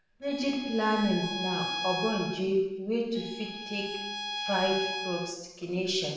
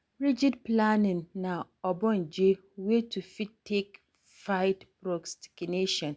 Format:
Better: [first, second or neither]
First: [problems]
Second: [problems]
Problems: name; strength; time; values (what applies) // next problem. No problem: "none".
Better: second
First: background sound (Bowed string instrument); 6 dB below the speech // room echo; dies away in 0.9 s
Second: none